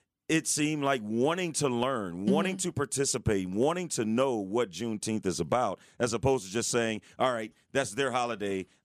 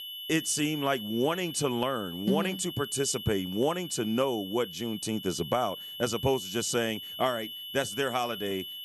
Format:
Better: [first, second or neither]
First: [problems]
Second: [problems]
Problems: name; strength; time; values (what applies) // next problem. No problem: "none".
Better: first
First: none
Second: high-pitched whine; loud; throughout; 3 kHz, 8 dB below the speech